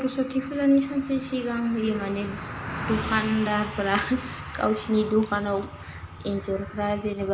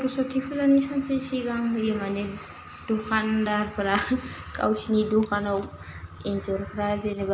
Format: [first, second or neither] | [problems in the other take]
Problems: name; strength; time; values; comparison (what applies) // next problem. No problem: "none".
second | background sound (Car passing by); 13 dB below the speech